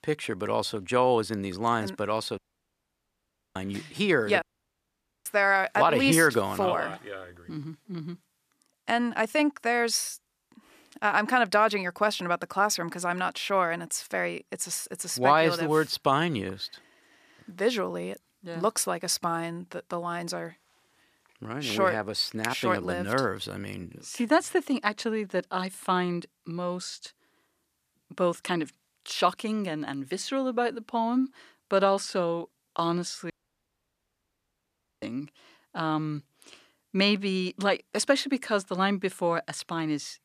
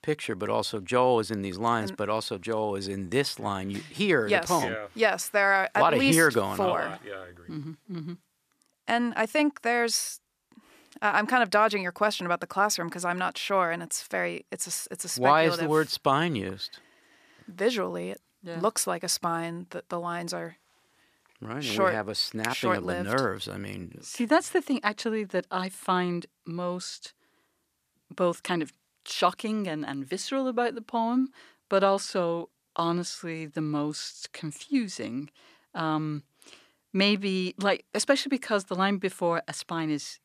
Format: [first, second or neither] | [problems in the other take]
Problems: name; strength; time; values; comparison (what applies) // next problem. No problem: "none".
second | audio cutting out; at 2.5 s for 1 s, at 4.5 s for 1 s and at 33 s for 1.5 s